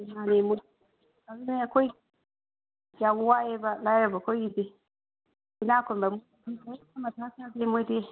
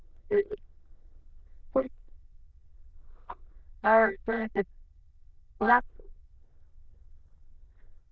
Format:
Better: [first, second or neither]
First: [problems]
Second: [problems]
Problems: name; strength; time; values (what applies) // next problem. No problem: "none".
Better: first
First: none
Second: noise reduction (neural diffusion model UNIVERSE++)